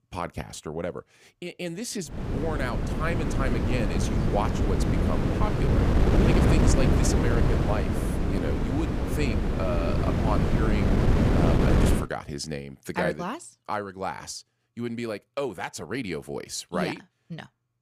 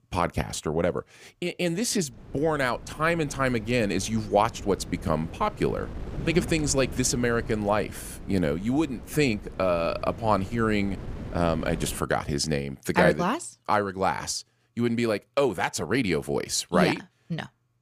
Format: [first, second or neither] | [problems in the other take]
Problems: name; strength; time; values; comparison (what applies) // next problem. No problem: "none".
second | wind noise on the microphone; heavy; from 2 to 12 s; 2 dB above the speech; occasional gusts in the second